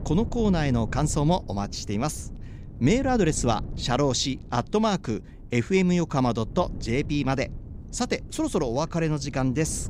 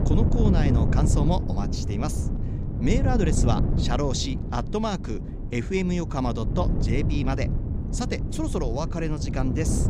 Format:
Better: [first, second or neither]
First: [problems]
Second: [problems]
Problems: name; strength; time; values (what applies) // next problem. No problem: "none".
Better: first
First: wind noise on the microphone; occasional gusts; 20 dB below the speech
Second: wind noise on the microphone; heavy; 6 dB below the speech